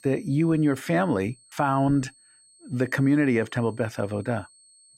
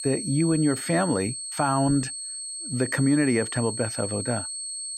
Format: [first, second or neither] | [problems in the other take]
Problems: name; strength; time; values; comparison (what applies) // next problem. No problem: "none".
first | high-pitched whine; loud; throughout; 8.5 kHz, 6 dB below the speech; faint in the first